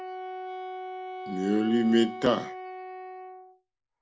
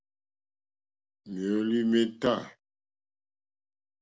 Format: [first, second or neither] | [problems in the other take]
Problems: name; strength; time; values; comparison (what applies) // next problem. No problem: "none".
second | background sound (Wind instrument, woodwind instrument); 9 dB below the speech